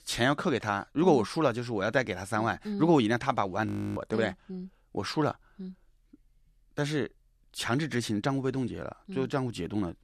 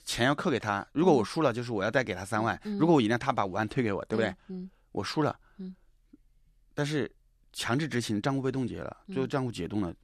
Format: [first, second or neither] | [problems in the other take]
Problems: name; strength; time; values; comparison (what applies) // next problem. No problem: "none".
second | audio freezing; at 3.5 s